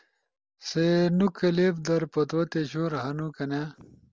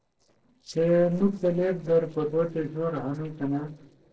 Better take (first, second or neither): first